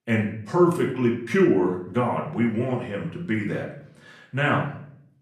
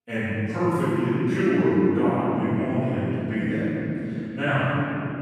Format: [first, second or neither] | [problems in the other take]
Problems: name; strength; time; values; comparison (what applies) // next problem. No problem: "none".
first | room echo; strong; dies away in 3 s; slight in the first // off-mic speech; far; far in the first